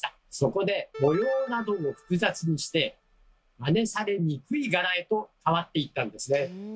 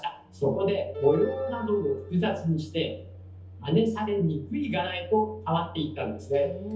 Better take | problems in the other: first | background sound (Microwave oven); 17 dB below the speech // room echo; dies away in 0.7 s

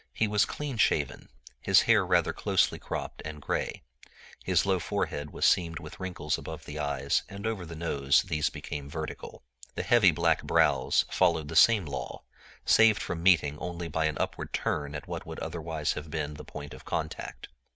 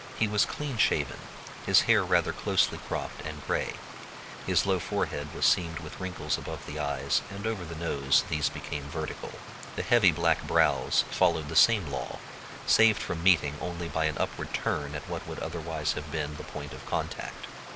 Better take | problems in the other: first | background sound (Stream); 13 dB below the speech

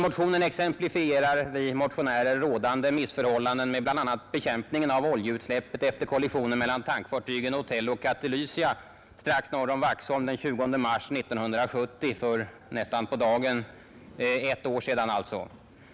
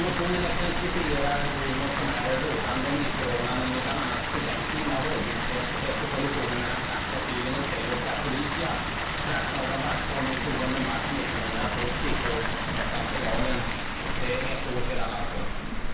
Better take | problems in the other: first | background sound (Water); 3 dB above the speech // room echo; dies away in 0.5 s

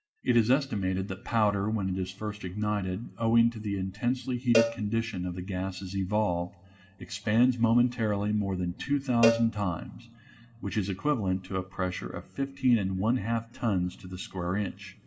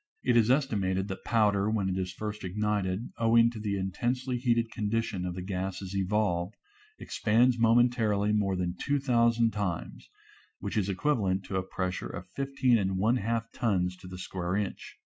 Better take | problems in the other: second | background sound (Cowbell); 5 dB below the speech // room echo; dies away in 2.2 s

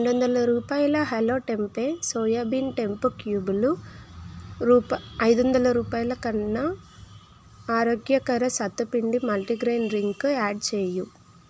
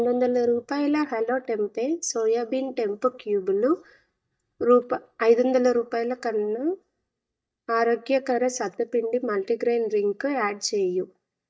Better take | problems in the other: first | noise reduction (neural mask model DeepFilterNet 3)

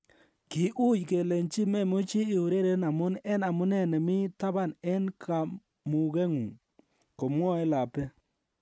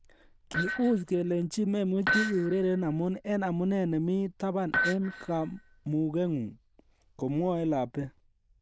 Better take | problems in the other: first | noise reduction (neural diffusion model UNIVERSE++)

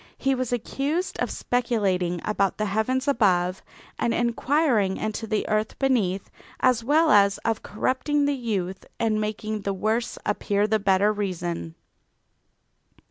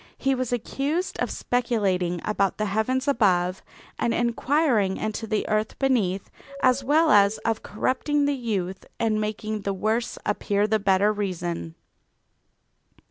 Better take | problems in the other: first | background sound (Doorbell); 19 dB below the speech

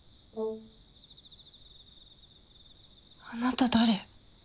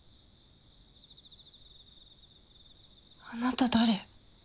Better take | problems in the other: second | background sound (Brass instrument); 9 dB below the speech

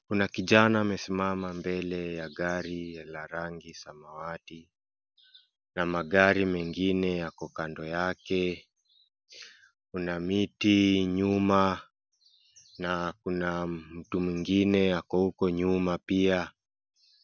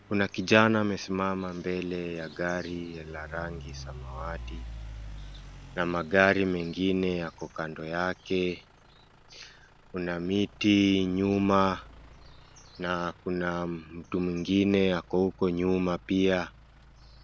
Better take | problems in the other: first | background sound (Idling / Truck); 18 dB below the speech

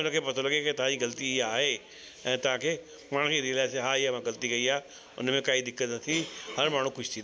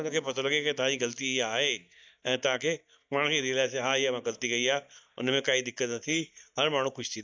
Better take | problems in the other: first | noise reduction (neural mask model DeepFilterNet 3)

